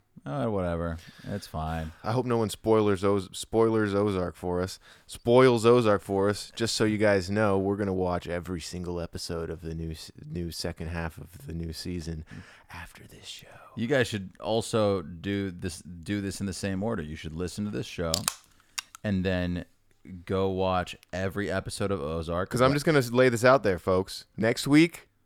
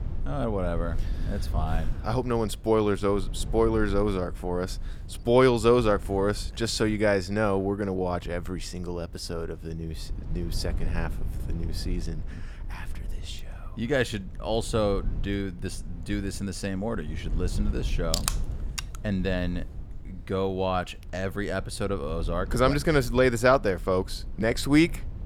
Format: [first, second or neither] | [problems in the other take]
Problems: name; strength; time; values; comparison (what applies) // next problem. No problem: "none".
first | low rumble; faint; throughout; 25 dB below the speech